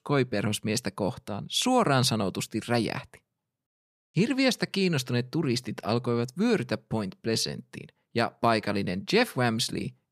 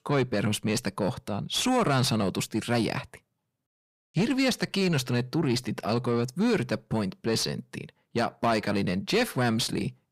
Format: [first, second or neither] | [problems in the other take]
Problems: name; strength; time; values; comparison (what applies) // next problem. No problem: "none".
first | distortion; slight; 10 dB below the speech